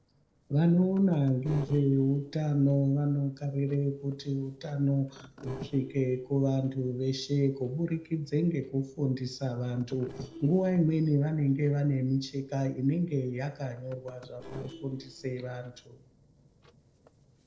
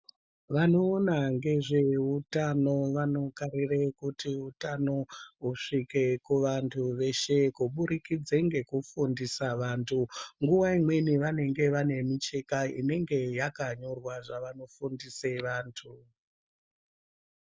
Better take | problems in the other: second | noise reduction (neural separator model SepFormer DNS4)

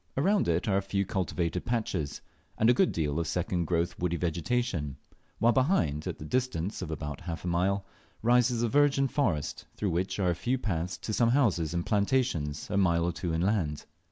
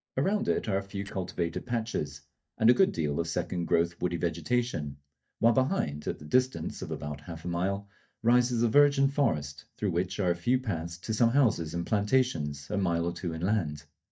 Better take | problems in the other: first | noise reduction (neural mask model DeepFilterNet 3)

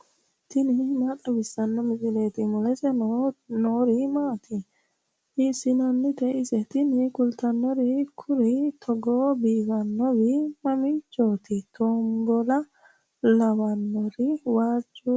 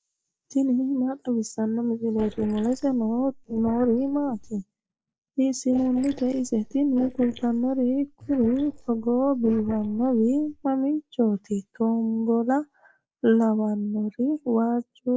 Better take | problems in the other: first | noise reduction (neural mask model Resemble Enhance denoiser)

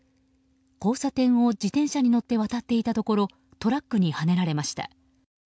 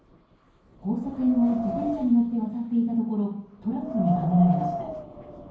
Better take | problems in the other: first | background sound (Wind); 10 dB below the speech // room echo; dies away in 0.9 s

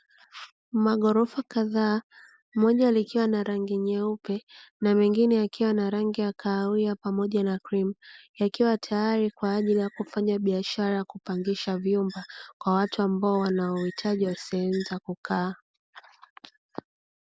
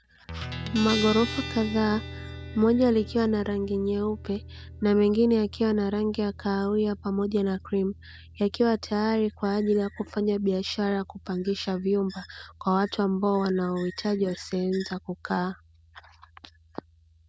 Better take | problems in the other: first | background sound (Guitar); 14 dB below the speech

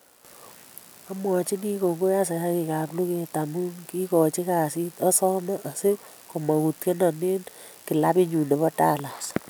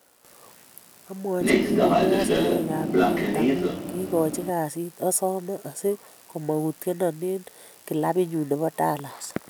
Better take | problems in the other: first | background sound (Train); 5 dB above the speech

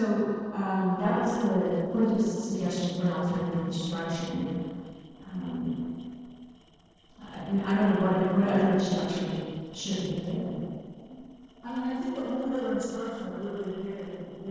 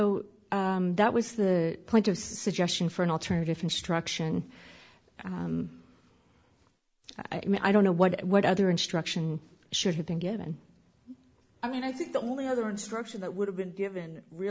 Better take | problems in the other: second | noise reduction (neural separator model SepFormer DNS4)

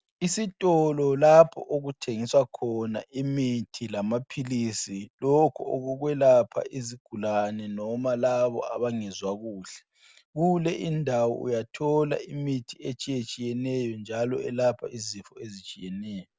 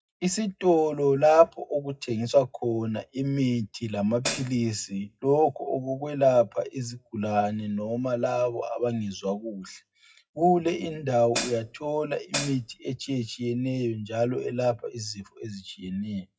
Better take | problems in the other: first | noise reduction (classical method WPE with log-MMSE)

